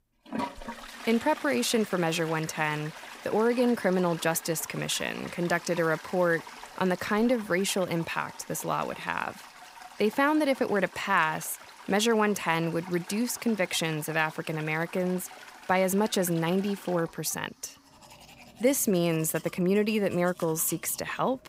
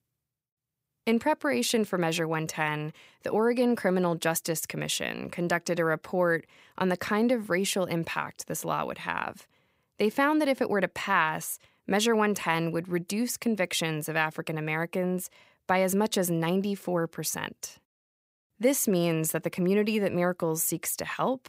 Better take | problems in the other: second | household noises; noticeable; throughout; 15 dB below the speech

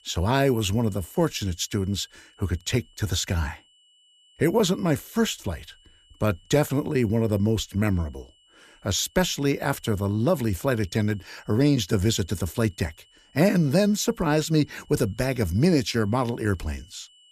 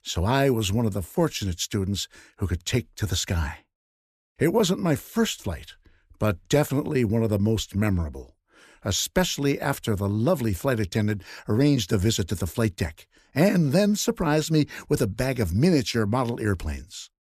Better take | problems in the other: second | high-pitched whine; faint; throughout; 3 kHz, 30 dB below the speech

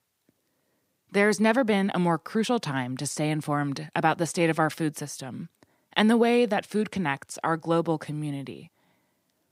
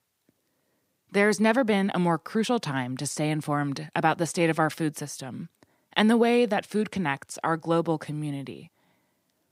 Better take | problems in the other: neither | none

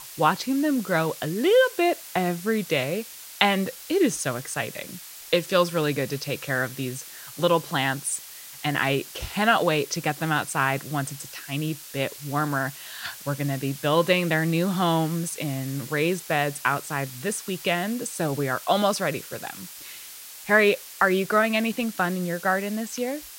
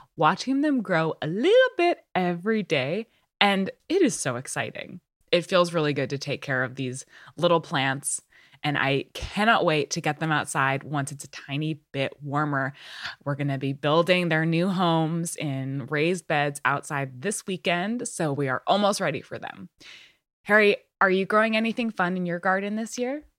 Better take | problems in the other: second | hiss; noticeable; throughout; 15 dB below the speech

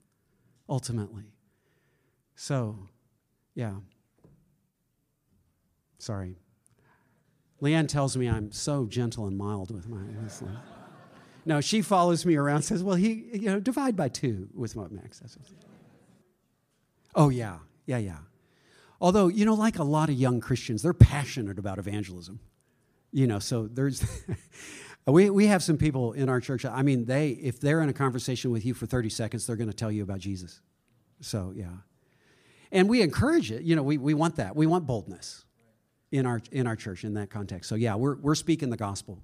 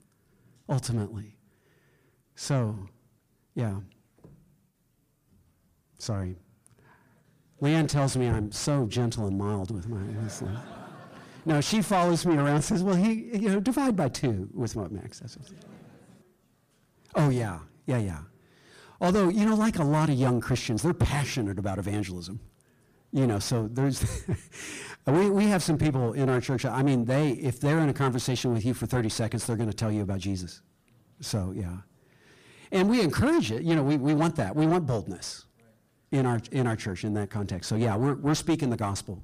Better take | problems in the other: first | distortion; heavy; 6 dB below the speech

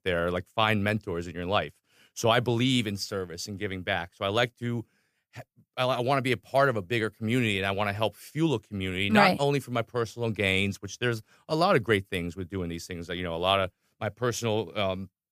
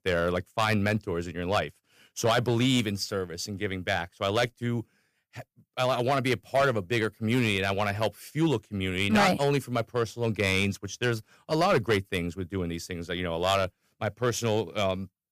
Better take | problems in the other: first | distortion; slight; 3% of the sound clipped

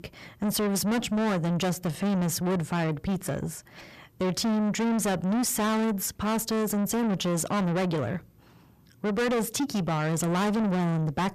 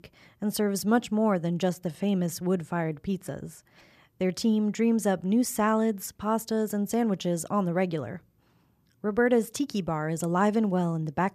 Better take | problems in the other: second | distortion; heavy; 6 dB below the speech

